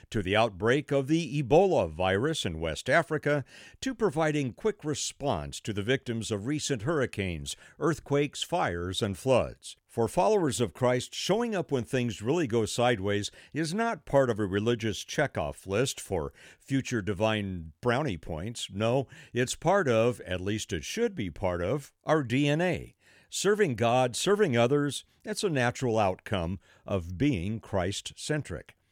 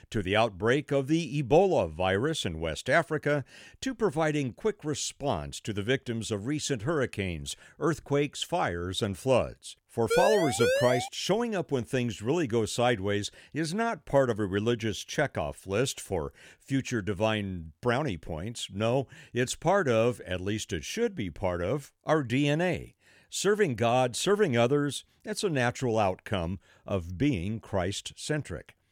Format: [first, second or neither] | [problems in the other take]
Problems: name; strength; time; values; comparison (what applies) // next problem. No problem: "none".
first | siren; loud; at 10 s; peak 2 dB above the speech